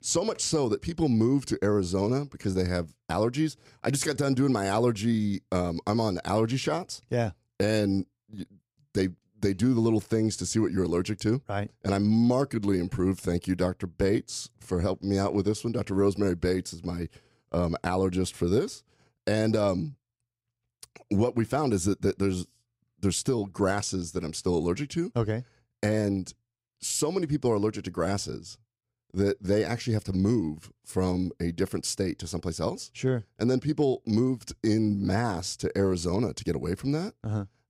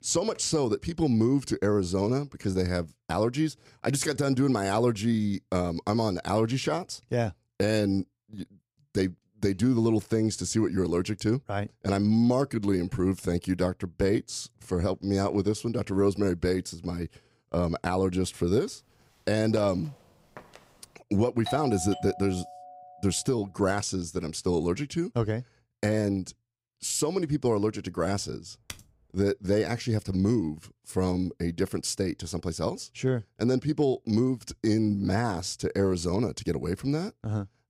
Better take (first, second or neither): first